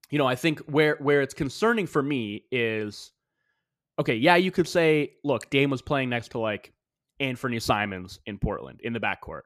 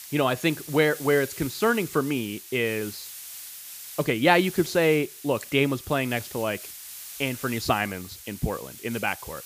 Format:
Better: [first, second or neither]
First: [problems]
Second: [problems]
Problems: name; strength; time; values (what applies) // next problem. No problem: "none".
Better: first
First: none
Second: hiss; noticeable; throughout; 15 dB below the speech